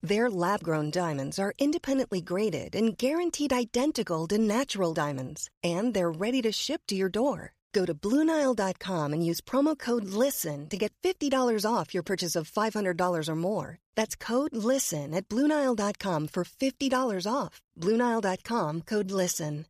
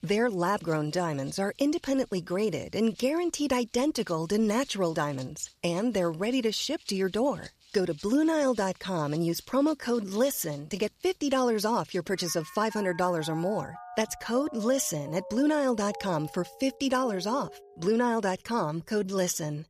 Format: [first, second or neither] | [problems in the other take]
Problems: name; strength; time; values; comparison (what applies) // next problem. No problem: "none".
first | background music; faint; throughout; 20 dB below the speech